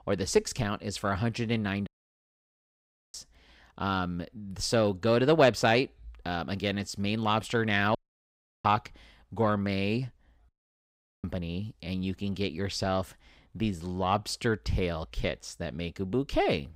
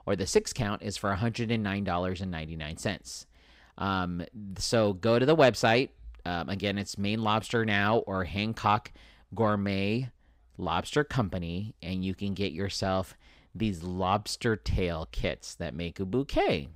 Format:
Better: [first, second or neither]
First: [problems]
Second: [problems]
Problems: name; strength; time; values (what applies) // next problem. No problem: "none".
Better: second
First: audio cutting out; at 2 s for 1.5 s, at 8 s for 0.5 s and at 10 s for 1 s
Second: none